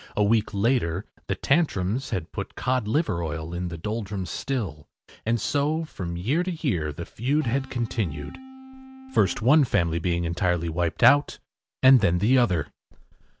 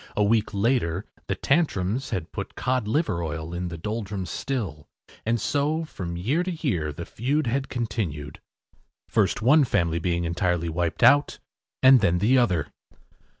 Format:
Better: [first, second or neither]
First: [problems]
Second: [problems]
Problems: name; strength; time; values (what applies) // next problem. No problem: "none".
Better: second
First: background sound (Electric guitar / Bass guitar); 18 dB below the speech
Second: none